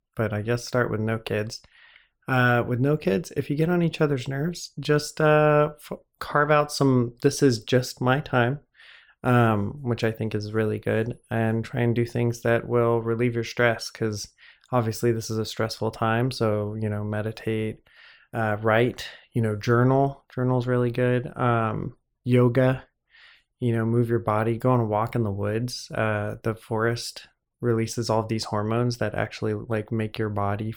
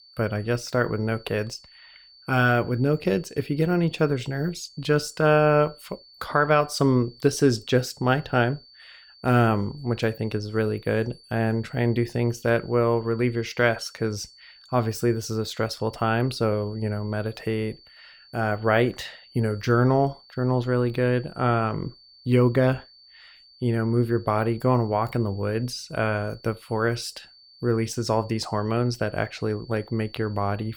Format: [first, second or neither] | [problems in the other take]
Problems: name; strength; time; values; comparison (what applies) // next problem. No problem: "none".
first | high-pitched whine; faint; throughout; 4.5 kHz, 25 dB below the speech